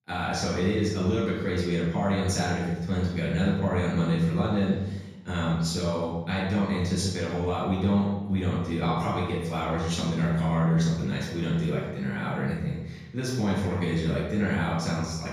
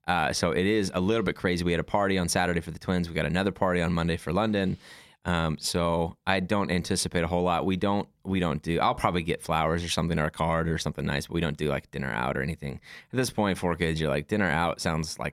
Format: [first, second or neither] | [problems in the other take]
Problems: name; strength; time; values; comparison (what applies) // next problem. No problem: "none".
second | room echo; noticeable; dies away in 0.9 s // off-mic speech; far